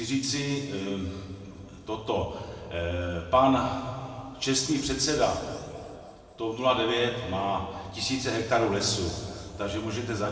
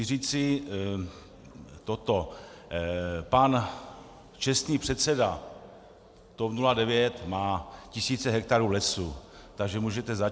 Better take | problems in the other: second | room echo; dies away in 2 s

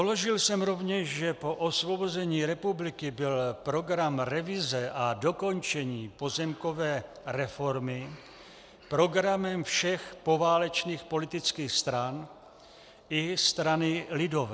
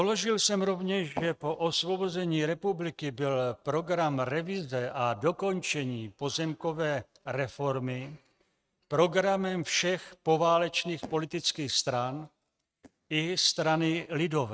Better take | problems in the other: first | noise reduction (neural mask model RNNoise)

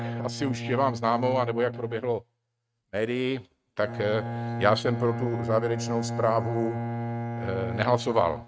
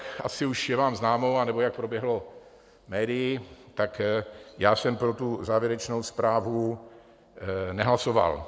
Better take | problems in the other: second | noise reduction (neural mask model RNNoise)

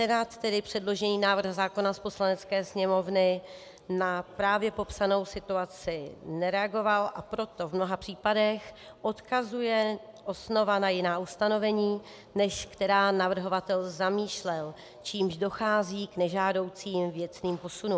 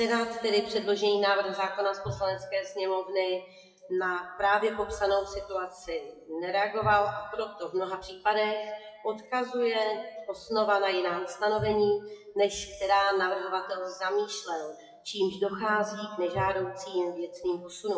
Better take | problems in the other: first | noise reduction (classical method WPE with log-MMSE)

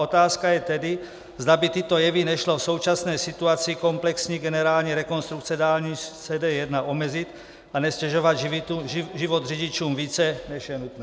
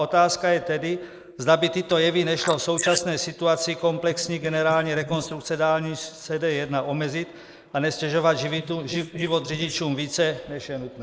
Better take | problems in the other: first | noise reduction (neural mask model Resemble Enhance denoiser)

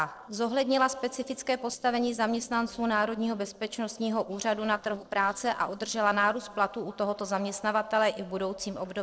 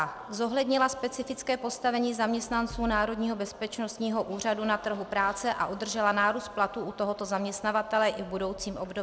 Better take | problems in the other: second | noise reduction (neural separator model SepFormer DNS4)

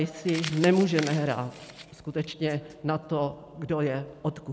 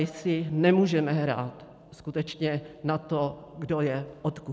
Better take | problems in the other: second | background sound (Crumpling, crinkling); 15 dB below the speech

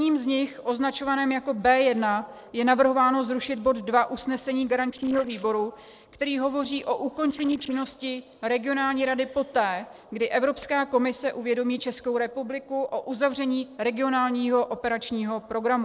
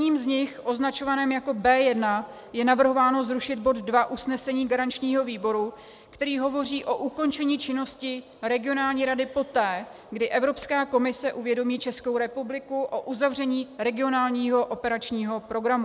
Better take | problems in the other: second | noise reduction (neural separator model SepFormer DNS4)

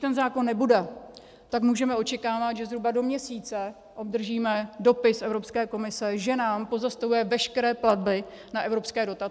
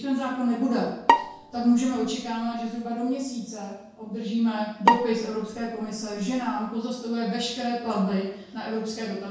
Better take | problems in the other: first | background sound (Bowed string instrument); as loud as the speech // room echo; dies away in 0.6 s

